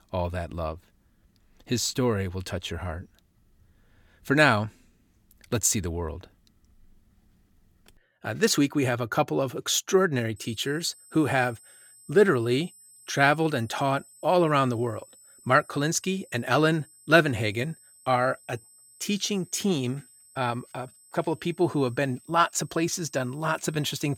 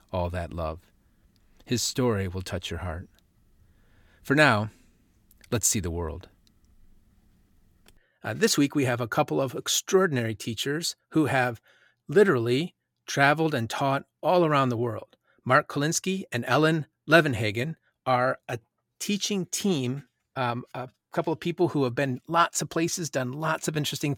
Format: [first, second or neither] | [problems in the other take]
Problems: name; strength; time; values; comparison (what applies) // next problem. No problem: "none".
second | high-pitched whine; faint; from 10 s on; 8 kHz, 25 dB below the speech